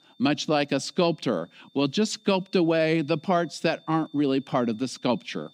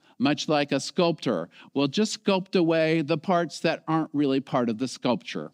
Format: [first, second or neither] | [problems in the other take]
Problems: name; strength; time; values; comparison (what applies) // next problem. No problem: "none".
second | high-pitched whine; faint; throughout; 3.5 kHz, 30 dB below the speech